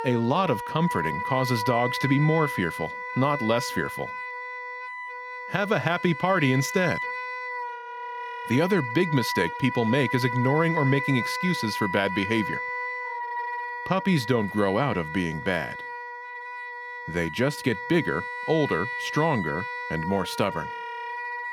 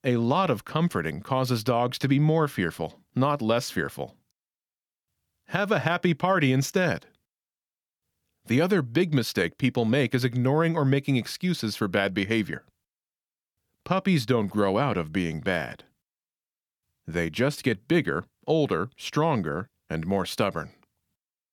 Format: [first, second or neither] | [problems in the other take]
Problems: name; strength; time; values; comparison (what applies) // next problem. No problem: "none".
second | background music; loud; throughout; 6 dB below the speech